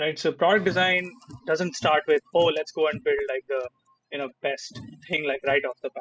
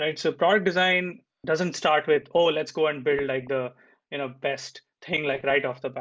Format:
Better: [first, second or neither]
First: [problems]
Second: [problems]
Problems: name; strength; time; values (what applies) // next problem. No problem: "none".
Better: second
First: noise reduction (classical method spectral subtraction)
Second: none